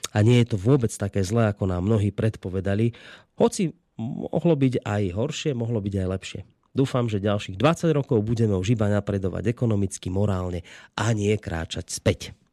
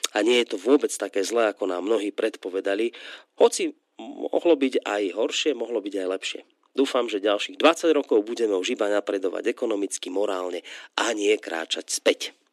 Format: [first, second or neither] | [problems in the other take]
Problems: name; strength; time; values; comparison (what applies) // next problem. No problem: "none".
first | thin; somewhat; fading below 300 Hz